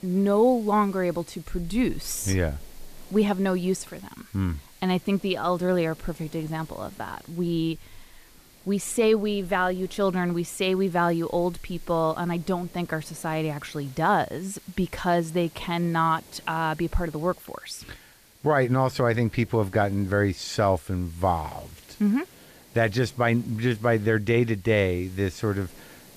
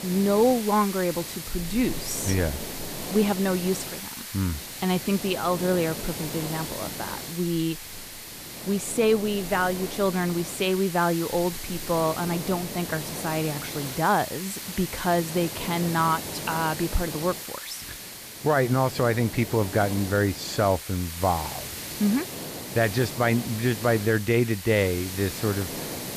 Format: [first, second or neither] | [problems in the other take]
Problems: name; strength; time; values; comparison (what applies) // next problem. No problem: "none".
first | hiss; loud; throughout; 8 dB below the speech; faint in the first